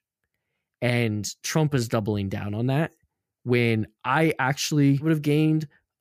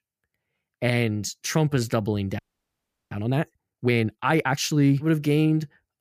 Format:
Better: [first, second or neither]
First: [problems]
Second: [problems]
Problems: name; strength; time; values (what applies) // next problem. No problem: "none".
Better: first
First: none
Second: audio freezing; at 2.5 s for 0.5 s